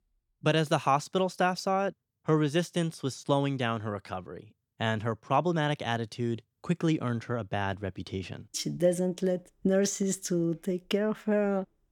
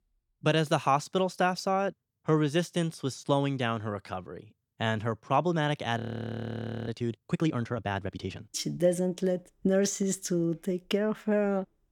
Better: first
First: none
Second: audio freezing; at 6 s for 1 s

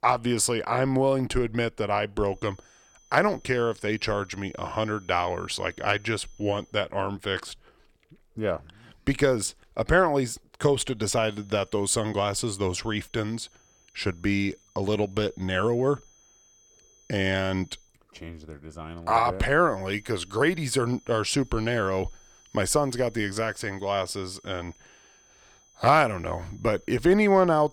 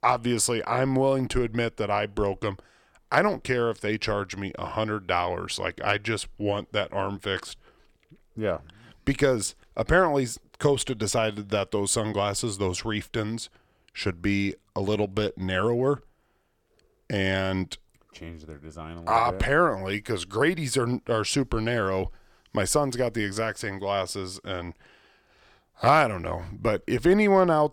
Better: second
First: high-pitched whine; faint; from 2.5 to 6.5 s, from 11 to 18 s and from 20 s on; 6 kHz, 30 dB below the speech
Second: none

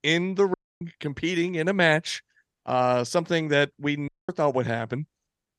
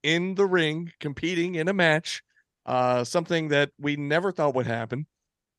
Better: second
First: audio cutting out; at 0.5 s and at 4 s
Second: none

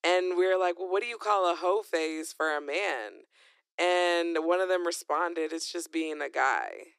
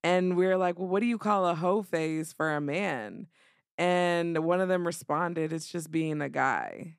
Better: second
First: thin; very; fading below 350 Hz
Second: none

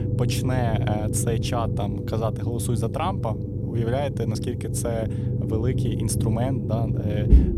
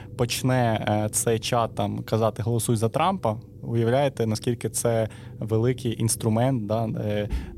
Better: second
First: low rumble; loud; throughout; 5 dB below the speech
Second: low rumble; faint; throughout; 25 dB below the speech

